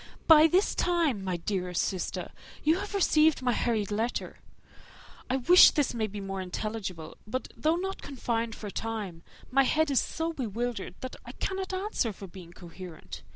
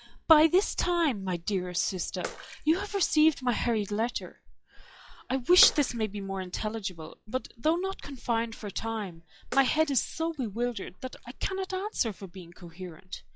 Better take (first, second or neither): first